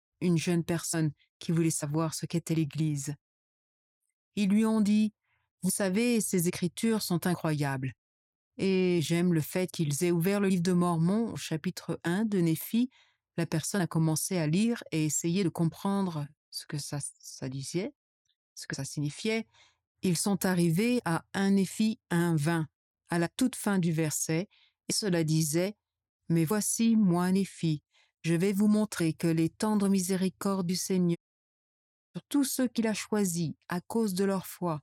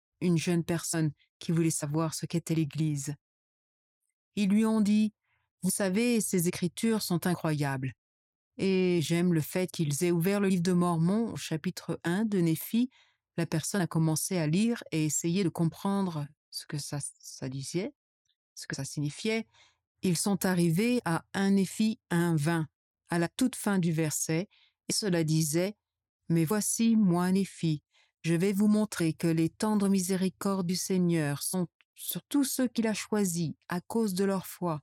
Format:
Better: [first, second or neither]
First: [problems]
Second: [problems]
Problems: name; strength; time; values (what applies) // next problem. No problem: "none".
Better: second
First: audio cutting out; at 31 s for 1 s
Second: none